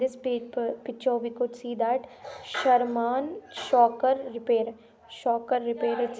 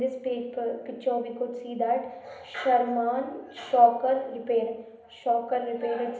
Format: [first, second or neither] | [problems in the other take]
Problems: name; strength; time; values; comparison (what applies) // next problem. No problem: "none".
first | room echo; dies away in 0.8 s